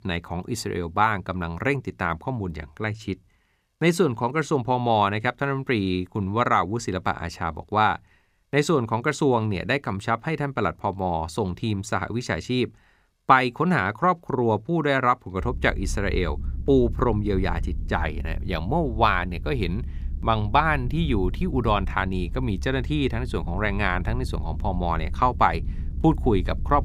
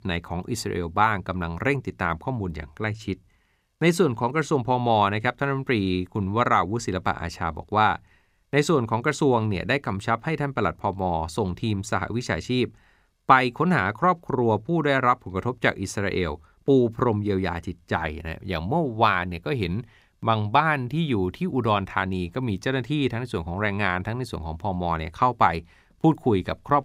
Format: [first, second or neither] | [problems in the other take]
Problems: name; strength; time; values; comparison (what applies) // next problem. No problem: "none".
second | low rumble; faint; from 15 s on; 25 dB below the speech